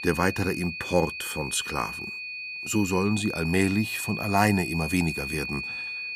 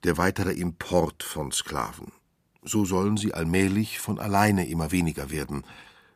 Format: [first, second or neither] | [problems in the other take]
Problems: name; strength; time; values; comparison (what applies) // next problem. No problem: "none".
second | high-pitched whine; loud; throughout; 2.5 kHz, 6 dB below the speech